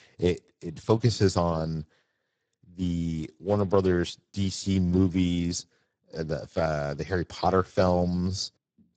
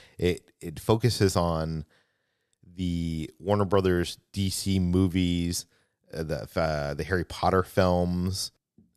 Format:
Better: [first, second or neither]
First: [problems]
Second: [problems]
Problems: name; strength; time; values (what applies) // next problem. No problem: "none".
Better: second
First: garbled, watery; badly; nothing above 7.5 kHz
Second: none